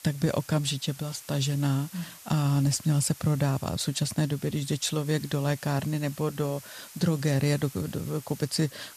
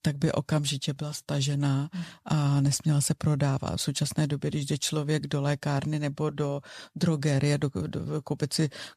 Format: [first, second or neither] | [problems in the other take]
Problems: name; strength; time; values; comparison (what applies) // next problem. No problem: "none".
second | hiss; noticeable; throughout; 15 dB below the speech